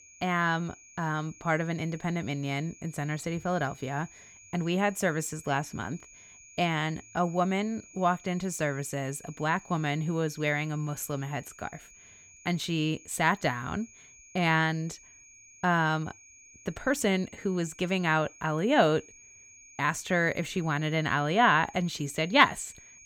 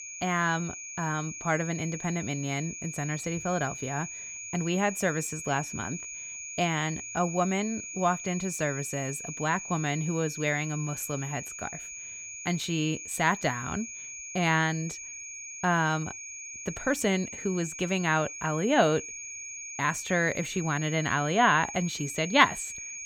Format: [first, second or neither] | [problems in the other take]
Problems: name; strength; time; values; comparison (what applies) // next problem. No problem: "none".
first | high-pitched whine; loud; throughout; 6.5 kHz, 8 dB below the speech; faint in the first